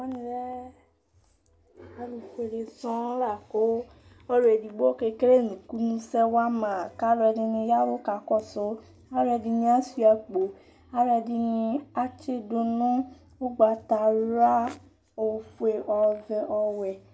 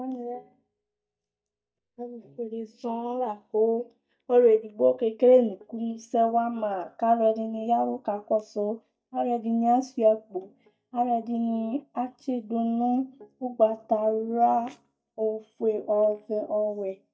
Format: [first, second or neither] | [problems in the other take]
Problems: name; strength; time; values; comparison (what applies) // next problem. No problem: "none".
first | noise reduction (neural mask model DeepFilterNet 3)